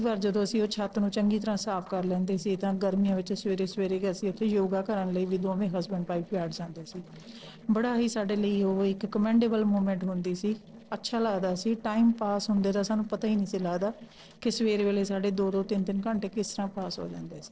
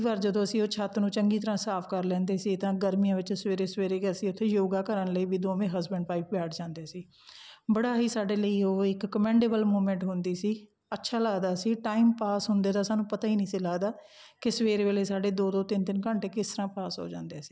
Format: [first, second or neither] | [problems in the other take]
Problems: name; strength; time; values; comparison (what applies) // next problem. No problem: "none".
second | noise reduction (neural separator model SepFormer DNS4)